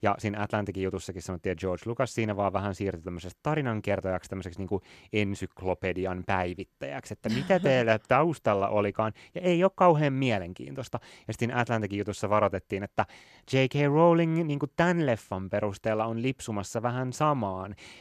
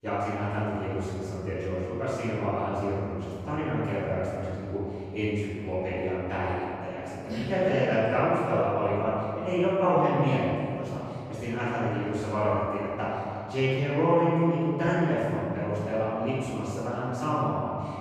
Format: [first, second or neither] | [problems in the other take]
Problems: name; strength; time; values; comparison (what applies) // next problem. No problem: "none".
first | room echo; strong; dies away in 2.6 s // off-mic speech; far